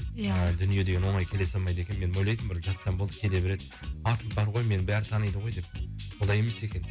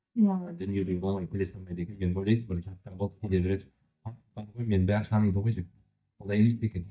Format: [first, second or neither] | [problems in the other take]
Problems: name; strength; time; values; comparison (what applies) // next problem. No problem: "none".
first | noise reduction (neural mask model DeepFilterNet 3)